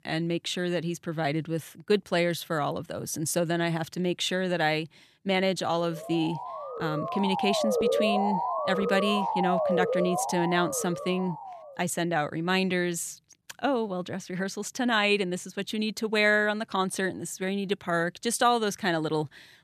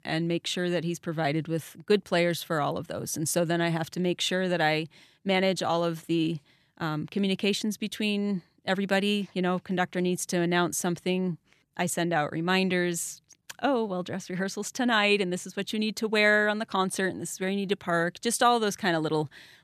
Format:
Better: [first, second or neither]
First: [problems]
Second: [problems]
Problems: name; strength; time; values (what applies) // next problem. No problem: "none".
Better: second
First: siren; loud; from 6 to 12 s; peak 3 dB above the speech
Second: none